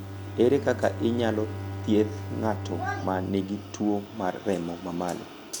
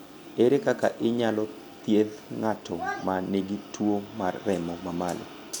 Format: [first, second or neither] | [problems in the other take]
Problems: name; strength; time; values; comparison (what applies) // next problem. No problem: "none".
second | background sound (Bowed string instrument); 9 dB below the speech